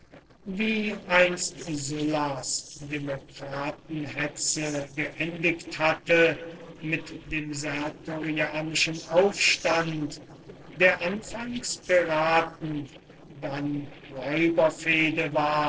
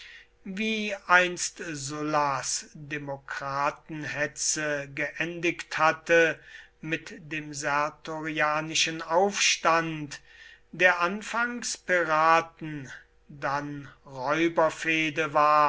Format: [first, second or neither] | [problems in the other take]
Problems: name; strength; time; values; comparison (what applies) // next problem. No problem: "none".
second | noise reduction (neural separator model SepFormer DNS4)